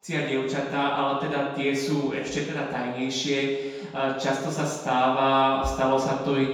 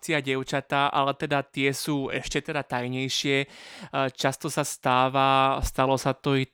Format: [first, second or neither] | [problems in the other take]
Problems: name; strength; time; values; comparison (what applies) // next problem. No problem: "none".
second | room echo; noticeable; dies away in 1.1 s // off-mic speech; far